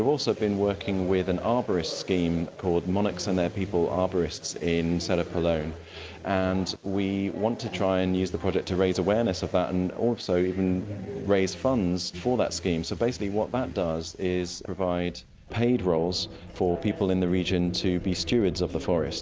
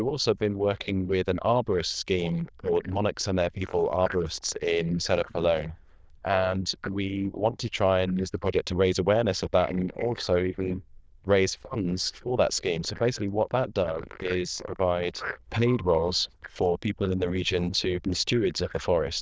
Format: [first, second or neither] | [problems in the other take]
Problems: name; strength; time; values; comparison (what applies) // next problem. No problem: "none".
first | noise reduction (neural diffusion model UNIVERSE++)